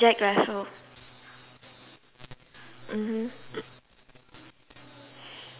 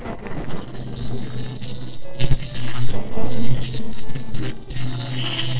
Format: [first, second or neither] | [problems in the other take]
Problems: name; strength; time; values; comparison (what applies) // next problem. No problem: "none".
first | noise reduction (neural separator model SepFormer DNS4)